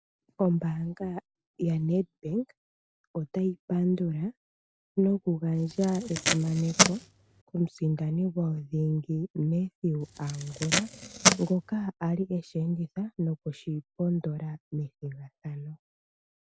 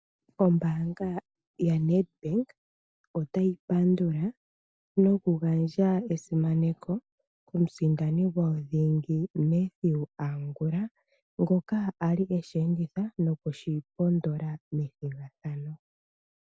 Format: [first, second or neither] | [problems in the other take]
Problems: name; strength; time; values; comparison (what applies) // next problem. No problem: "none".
second | background sound (Packing tape, duct tape); 1 dB above the speech